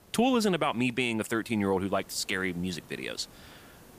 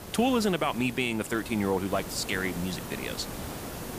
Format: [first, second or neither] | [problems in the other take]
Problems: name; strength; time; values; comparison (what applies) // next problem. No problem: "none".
first | hiss; loud; throughout; 10 dB below the speech; faint in the first